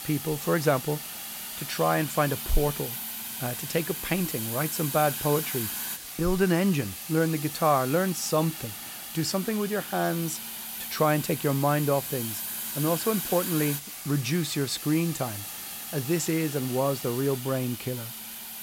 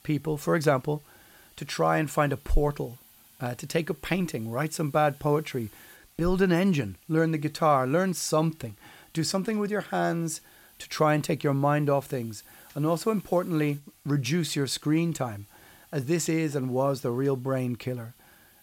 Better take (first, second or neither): second